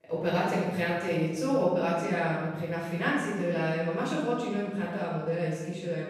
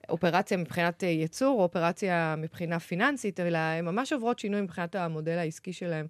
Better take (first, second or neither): second